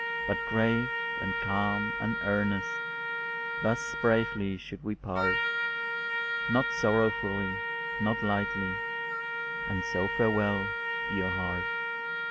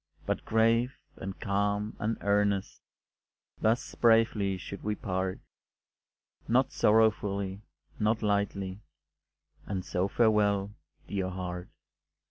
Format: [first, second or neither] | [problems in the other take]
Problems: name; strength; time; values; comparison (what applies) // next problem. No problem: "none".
second | background sound (Trumpet); 1 dB below the speech